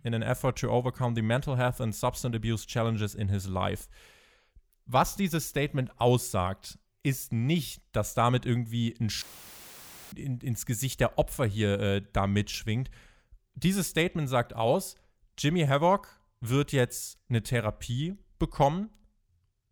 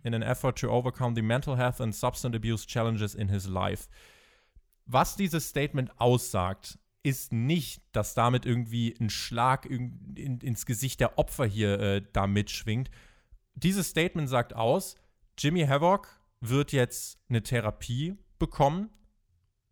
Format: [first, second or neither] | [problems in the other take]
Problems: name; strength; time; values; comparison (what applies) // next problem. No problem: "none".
second | audio cutting out; filled with static; at 9 s for 1 s